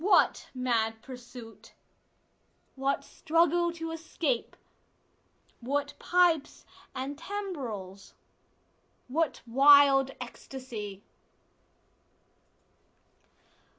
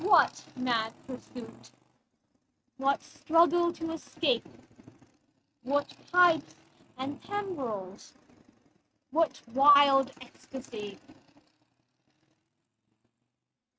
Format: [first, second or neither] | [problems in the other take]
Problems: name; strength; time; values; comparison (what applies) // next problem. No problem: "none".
first | noise reduction (neural mask model RNNoise)